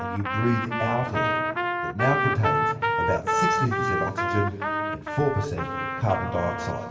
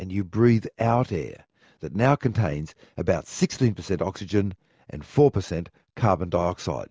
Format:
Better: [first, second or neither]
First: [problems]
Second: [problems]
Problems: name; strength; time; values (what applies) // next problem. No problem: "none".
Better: second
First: background sound (Trumpet); 1 dB above the speech // room echo; dies away in 2.4 s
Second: none